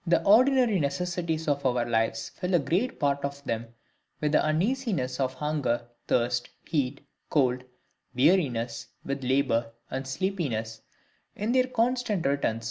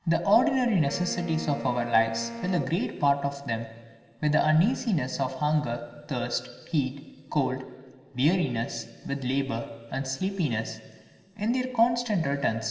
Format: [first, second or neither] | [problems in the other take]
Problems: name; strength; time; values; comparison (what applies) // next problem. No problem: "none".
first | background sound (Wind instrument, woodwind instrument); 12 dB below the speech // room echo; dies away in 2.2 s